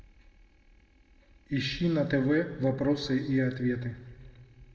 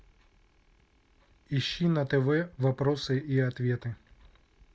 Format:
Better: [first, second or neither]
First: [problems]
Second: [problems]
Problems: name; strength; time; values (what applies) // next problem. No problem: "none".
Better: second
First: room echo; dies away in 1.2 s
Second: none